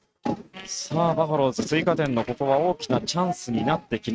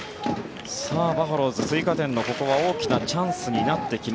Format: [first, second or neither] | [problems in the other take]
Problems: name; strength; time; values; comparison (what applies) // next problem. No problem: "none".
second | noise reduction (neural mask model RNNoise)